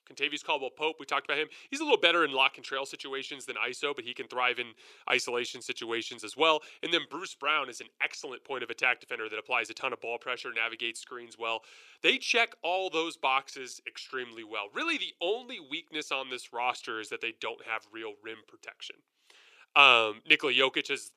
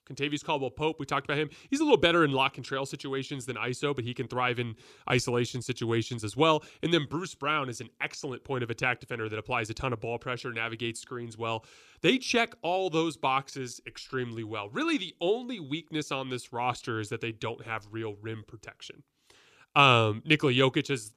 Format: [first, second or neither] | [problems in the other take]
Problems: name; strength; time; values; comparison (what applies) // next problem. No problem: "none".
second | thin; somewhat; fading below 500 Hz